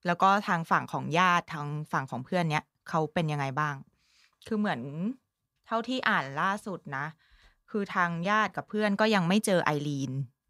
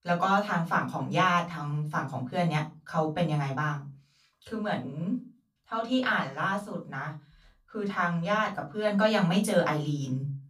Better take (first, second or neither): first